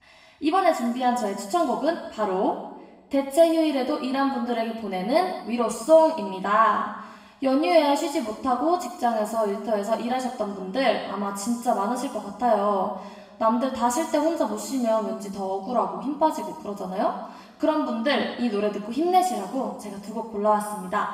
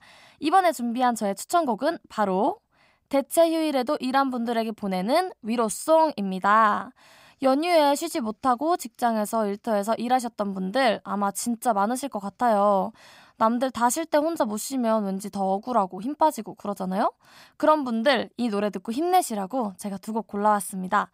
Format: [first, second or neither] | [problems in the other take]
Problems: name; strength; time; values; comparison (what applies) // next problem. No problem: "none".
second | room echo; noticeable; dies away in 1.1 s // off-mic speech; far